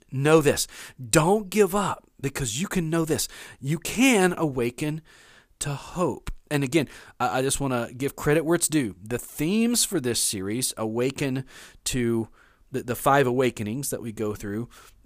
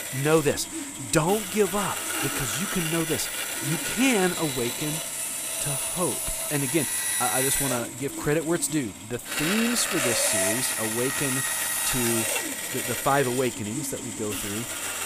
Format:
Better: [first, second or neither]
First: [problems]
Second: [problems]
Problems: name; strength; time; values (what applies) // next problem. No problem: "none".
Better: first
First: none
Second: machinery noise; very loud; throughout; 1 dB above the speech